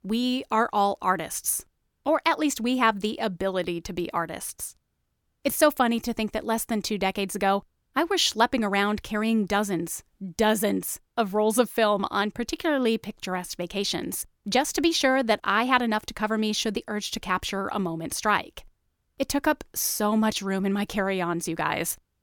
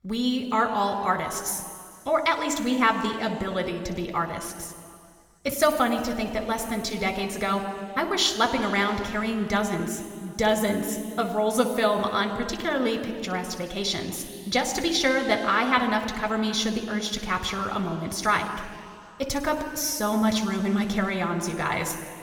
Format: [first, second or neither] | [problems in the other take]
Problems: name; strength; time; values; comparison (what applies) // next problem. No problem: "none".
first | room echo; noticeable; dies away in 2.4 s